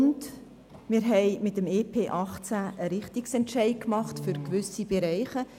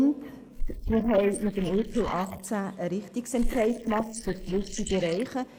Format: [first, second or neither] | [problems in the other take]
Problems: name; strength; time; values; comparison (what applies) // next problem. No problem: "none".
first | noise reduction (neural mask model Resemble Enhance denoiser)